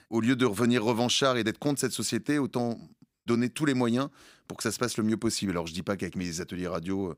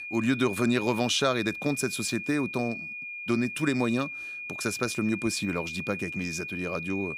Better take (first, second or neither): first